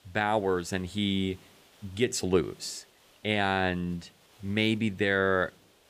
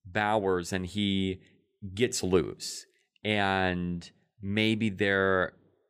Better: second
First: hiss; faint; throughout; 30 dB below the speech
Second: none

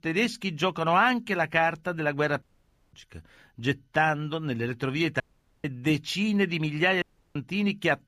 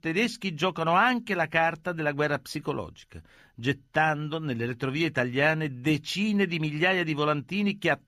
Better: second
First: audio cutting out; at 2.5 s for 0.5 s, at 5 s and at 7 s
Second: none

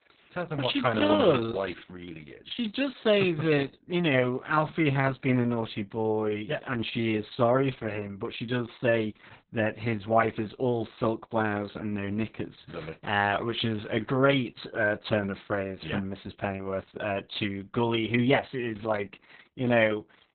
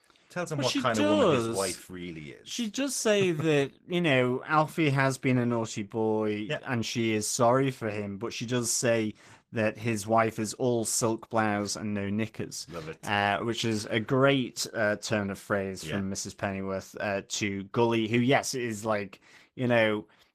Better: second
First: garbled, watery; badly; nothing above 4 kHz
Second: garbled, watery; slightly; nothing above 14.5 kHz

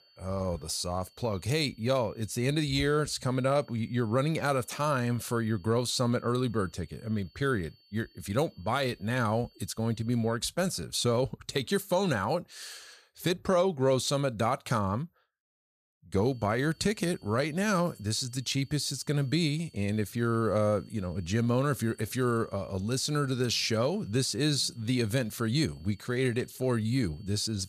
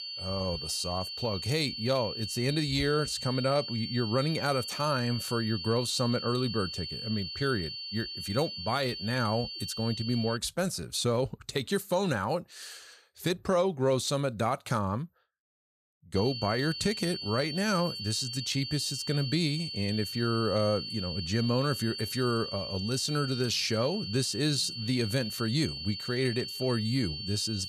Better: first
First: high-pitched whine; faint; until 10 s and from 16 s on; 4.5 kHz, 30 dB below the speech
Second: high-pitched whine; loud; until 10 s and from 16 s on; 4.5 kHz, 6 dB below the speech

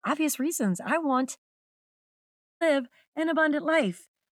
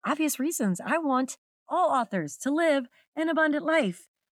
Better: second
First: audio cutting out; at 1.5 s for 1 s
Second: none

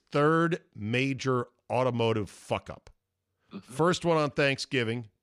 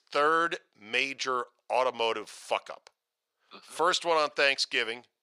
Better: first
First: none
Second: thin; very; fading below 700 Hz

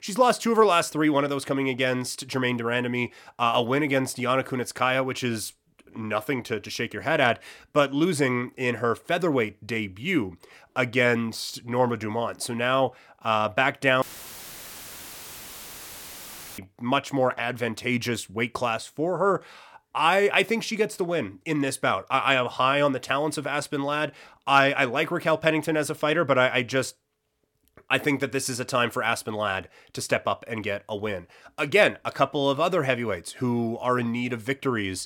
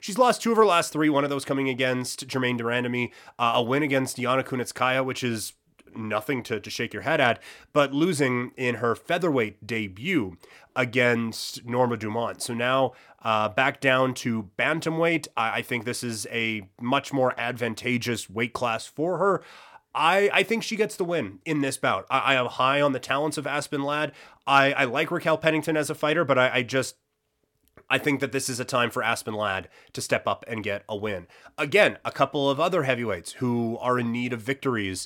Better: second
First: audio cutting out; filled with static; at 14 s for 2.5 s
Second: none

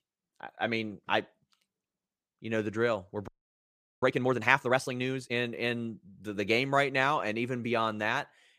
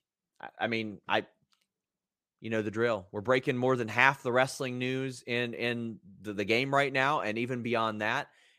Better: second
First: audio freezing; at 3.5 s for 0.5 s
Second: none

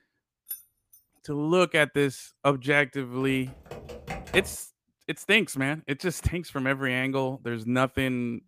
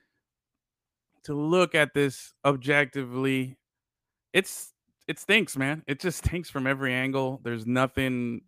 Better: second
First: jangling keys; faint; at 0.5 s; peak 10 dB below the speech // keyboard typing; noticeable; from 3 to 4.5 s; peak 10 dB below the speech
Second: none

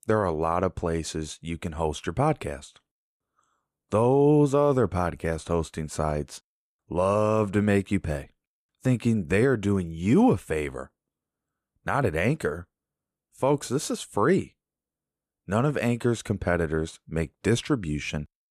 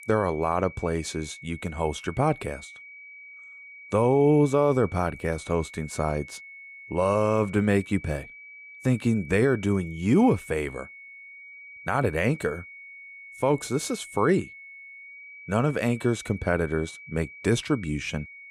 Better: first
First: none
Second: high-pitched whine; noticeable; throughout; 2.5 kHz, 15 dB below the speech

